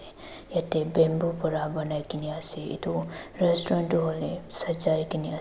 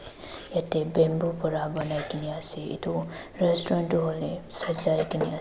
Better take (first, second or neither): first